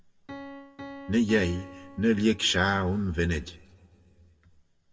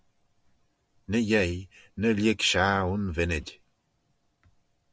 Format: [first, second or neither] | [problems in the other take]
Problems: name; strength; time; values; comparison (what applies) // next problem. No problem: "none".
second | background sound (Piano); 18 dB below the speech // room echo; dies away in 1.1 s